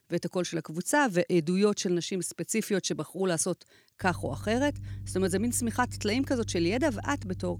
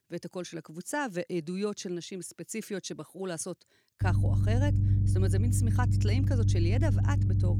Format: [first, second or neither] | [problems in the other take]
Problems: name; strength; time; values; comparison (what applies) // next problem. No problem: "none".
first | low rumble; loud; from 4 s on; 4 dB below the speech; faint in the first